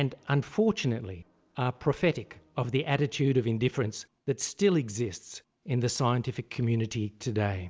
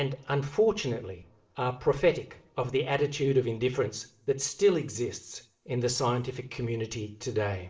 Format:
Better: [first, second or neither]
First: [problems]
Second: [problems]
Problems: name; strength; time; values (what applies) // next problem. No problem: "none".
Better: first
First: none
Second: room echo; dies away in 0.4 s